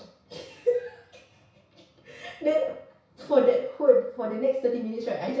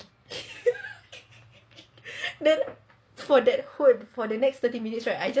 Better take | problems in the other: second | room echo; dies away in 0.6 s

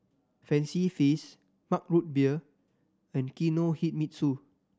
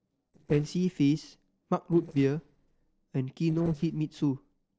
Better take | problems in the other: first | noise reduction (neural separator model SepFormer DNS4)

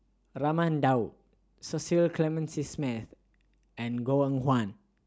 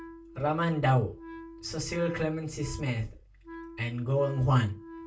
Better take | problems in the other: first | background sound (Wind instrument, woodwind instrument); 16 dB below the speech // room echo; dies away in 0.2 s

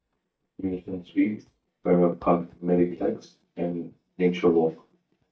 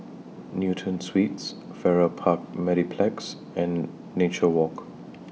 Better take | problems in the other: second | noise reduction (neural mask model DeepFilterNet 3)

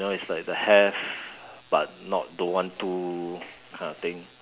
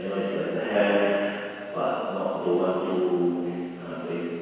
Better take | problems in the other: first | room echo; dies away in 2 s

